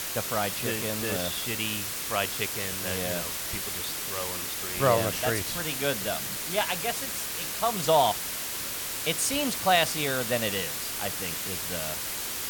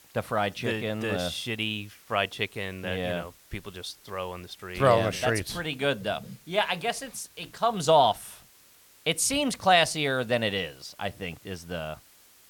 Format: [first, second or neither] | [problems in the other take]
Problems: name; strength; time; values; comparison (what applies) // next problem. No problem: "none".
second | hiss; loud; throughout; 1 dB below the speech; faint in the second